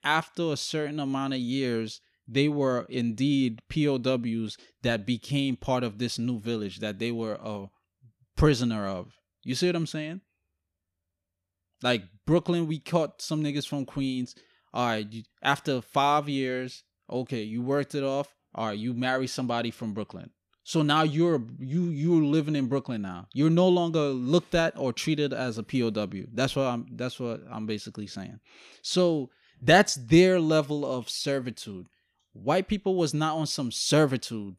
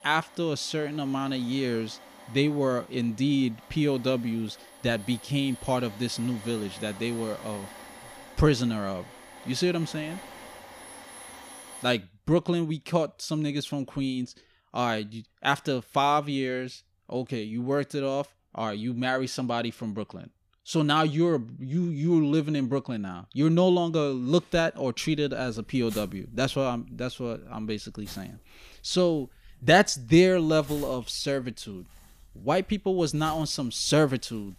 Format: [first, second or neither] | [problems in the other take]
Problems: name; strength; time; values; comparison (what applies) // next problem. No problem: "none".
first | household noises; noticeable; throughout; 20 dB below the speech